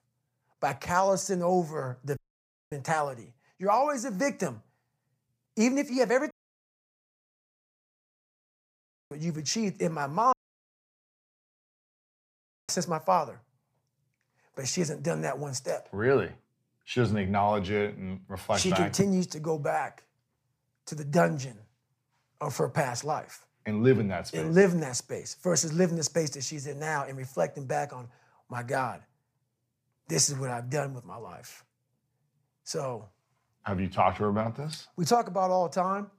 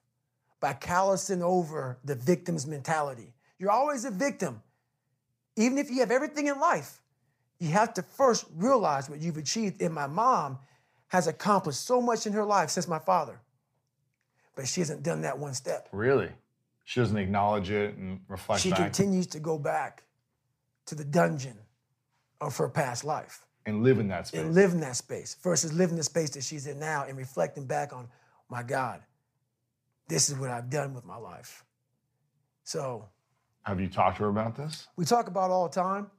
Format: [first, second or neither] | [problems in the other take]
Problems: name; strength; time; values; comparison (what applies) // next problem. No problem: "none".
second | audio cutting out; at 2 s for 0.5 s, at 6.5 s for 3 s and at 10 s for 2.5 s